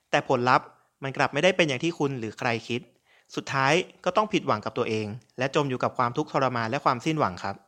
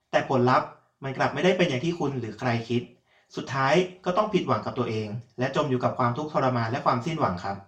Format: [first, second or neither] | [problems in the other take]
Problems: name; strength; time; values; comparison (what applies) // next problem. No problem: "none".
first | room echo; very slight; dies away in 0.3 s // off-mic speech; far